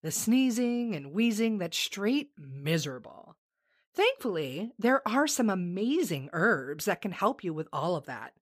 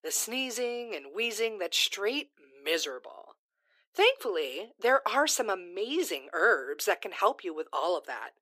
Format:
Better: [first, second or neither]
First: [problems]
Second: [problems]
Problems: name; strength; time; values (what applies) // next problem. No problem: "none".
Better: first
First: none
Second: thin; very; fading below 350 Hz